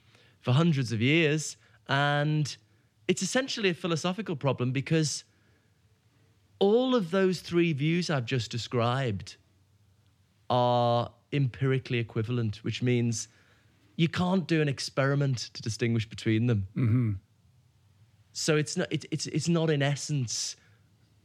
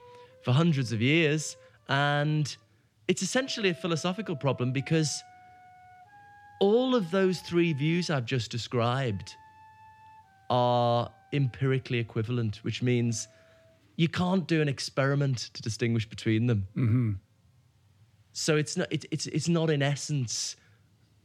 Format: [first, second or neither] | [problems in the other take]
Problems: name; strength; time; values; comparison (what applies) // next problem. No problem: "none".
first | background music; faint; throughout; 25 dB below the speech